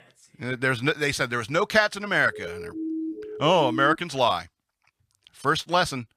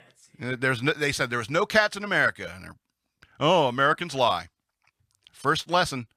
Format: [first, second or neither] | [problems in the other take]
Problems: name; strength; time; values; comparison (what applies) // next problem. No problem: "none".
second | siren; noticeable; from 2.5 to 4 s; peak 7 dB below the speech